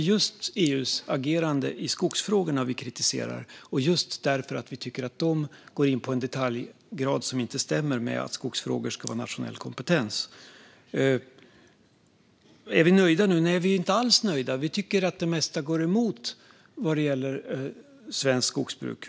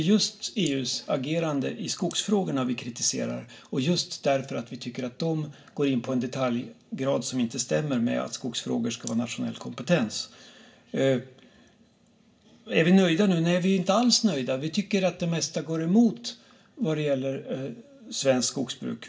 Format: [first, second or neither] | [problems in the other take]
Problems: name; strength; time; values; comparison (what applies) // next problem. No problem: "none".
first | room echo; dies away in 0.3 s